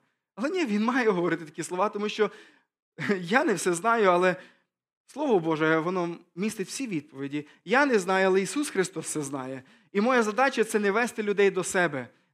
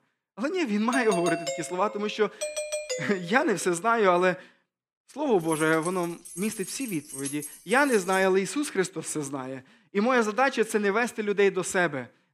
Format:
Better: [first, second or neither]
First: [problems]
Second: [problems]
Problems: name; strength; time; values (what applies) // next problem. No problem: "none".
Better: first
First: none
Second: doorbell; noticeable; from 1 to 3.5 s; peak 4 dB below the speech // jangling keys; noticeable; from 5.5 to 8.5 s; peak 9 dB below the speech